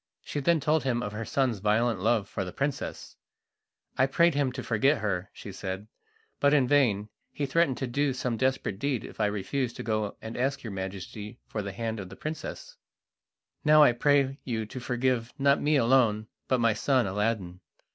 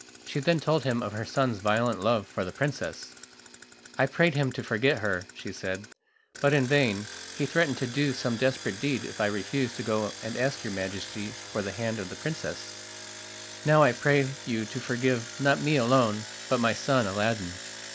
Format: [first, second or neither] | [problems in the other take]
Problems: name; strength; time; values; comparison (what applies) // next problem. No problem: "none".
first | background sound (Engine); 14 dB below the speech